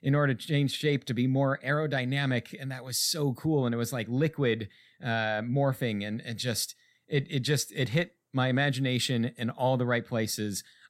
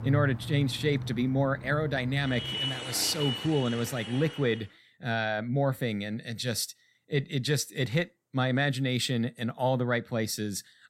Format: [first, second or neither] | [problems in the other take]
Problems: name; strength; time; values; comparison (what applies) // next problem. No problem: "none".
first | traffic noise; loud; until 4.5 s; 6 dB below the speech